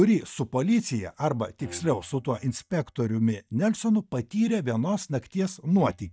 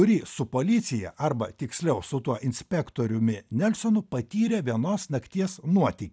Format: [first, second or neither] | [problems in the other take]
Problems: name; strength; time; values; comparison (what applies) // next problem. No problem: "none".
second | noise reduction (neural mask model DeepFilterNet 3)